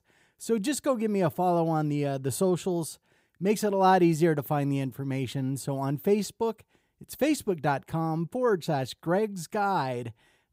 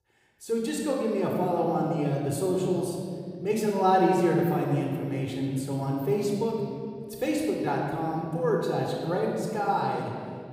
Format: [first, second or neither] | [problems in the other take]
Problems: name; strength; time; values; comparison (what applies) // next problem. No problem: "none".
first | off-mic speech; somewhat distant // room echo; noticeable; dies away in 2.2 s